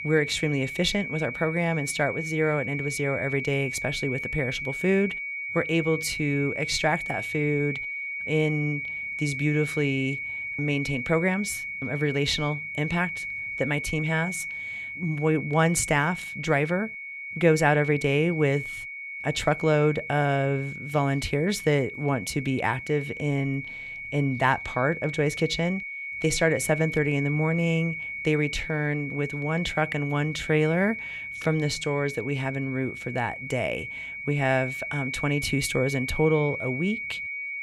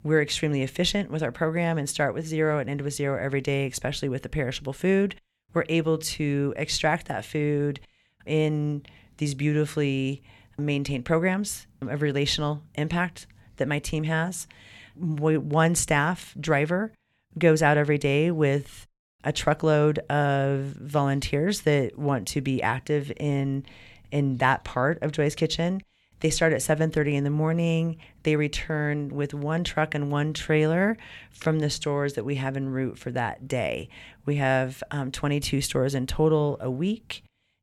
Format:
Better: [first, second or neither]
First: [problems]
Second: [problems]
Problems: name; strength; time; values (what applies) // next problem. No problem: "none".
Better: second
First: high-pitched whine; loud; throughout; 2 kHz, 6 dB below the speech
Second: none